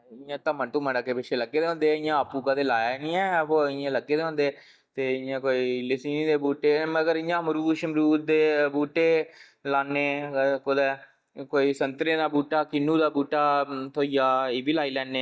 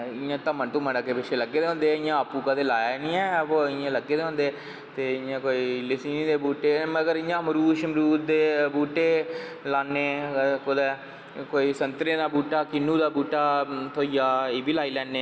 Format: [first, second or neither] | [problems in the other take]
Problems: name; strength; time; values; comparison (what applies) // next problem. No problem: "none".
second | noise reduction (neural mask model DeepFilterNet 3)